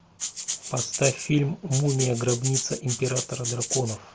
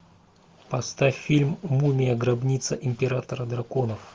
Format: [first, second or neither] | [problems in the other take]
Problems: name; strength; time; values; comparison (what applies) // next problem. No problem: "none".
second | background sound (Rattle (instrument)); 5 dB below the speech